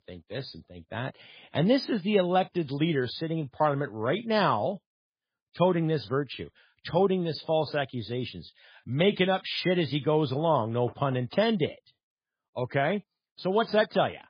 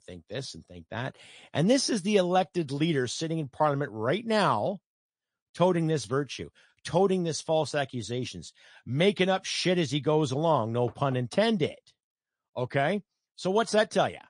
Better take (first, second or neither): second